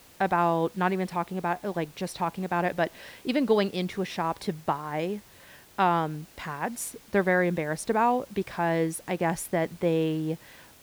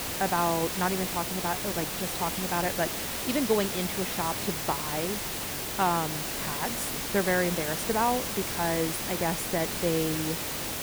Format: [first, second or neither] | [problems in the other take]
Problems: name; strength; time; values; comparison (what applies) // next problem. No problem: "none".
first | hiss; loud; throughout; as loud as the speech; faint in the first